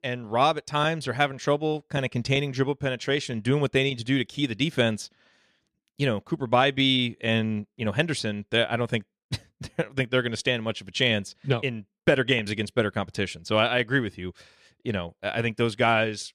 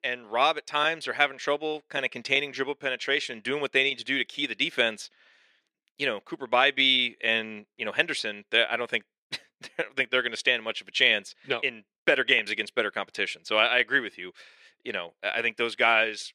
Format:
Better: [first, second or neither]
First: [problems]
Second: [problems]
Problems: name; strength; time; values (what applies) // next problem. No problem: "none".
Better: first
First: none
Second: thin; somewhat; fading below 400 Hz